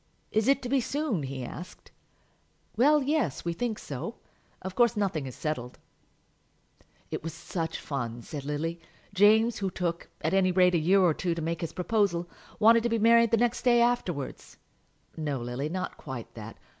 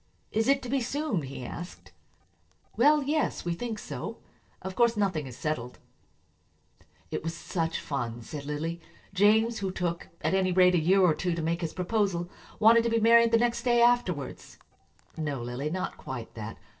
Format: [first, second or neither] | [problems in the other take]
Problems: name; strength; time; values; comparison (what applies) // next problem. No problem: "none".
first | noise reduction (neural separator model SepFormer DNS4)